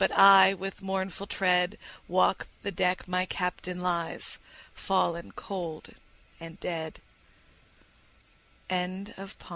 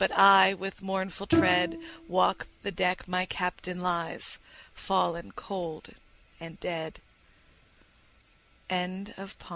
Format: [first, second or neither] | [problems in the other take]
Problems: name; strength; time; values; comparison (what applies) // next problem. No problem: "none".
first | background sound (Bowed string instrument); 3 dB below the speech